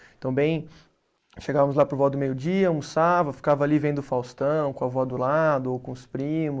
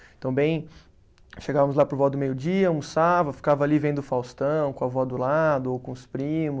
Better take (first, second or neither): second